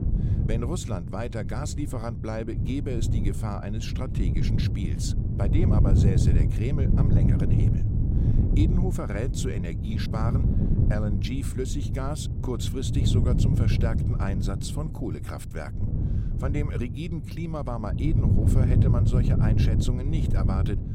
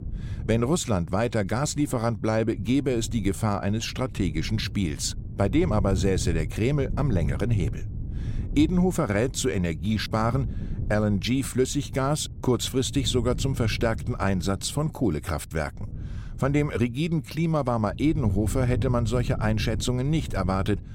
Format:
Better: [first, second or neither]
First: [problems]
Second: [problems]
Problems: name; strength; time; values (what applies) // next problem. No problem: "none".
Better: second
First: wind noise on the microphone; heavy; 1 dB below the speech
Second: wind noise on the microphone; occasional gusts; 20 dB below the speech